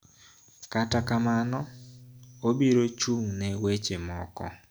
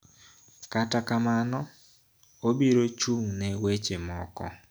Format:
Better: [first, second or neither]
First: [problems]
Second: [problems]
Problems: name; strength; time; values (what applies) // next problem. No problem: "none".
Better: second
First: background sound (Bowed string instrument); 14 dB below the speech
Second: none